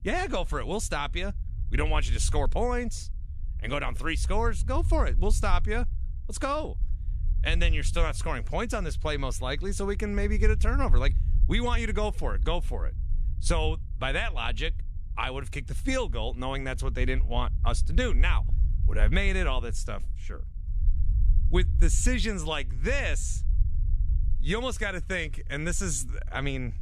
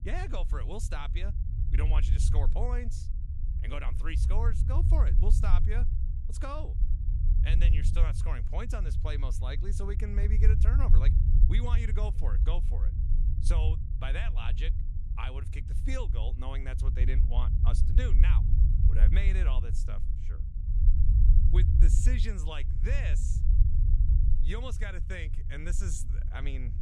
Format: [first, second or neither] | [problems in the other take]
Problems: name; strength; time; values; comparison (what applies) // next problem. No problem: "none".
first | low rumble; loud; throughout; 6 dB below the speech; faint in the first